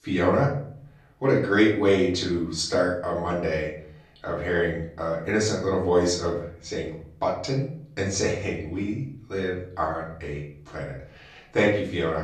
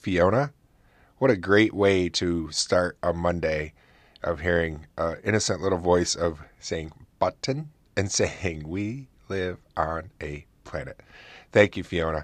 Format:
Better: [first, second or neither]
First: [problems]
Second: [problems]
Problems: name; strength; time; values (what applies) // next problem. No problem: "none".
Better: second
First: off-mic speech; far // room echo; slight; dies away in 0.5 s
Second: none